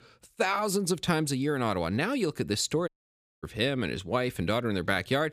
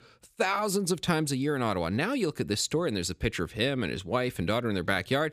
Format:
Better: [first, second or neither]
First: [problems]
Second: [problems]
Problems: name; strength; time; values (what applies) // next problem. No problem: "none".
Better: second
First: audio cutting out; at 3 s for 0.5 s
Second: none